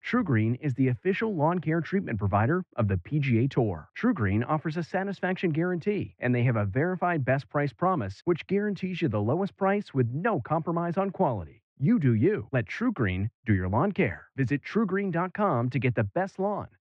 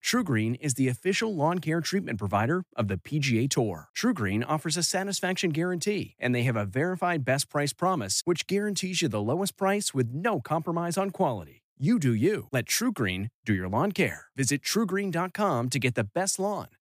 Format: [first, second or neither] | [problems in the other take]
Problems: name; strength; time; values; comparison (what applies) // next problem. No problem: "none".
second | muffled; very; fading above 2 kHz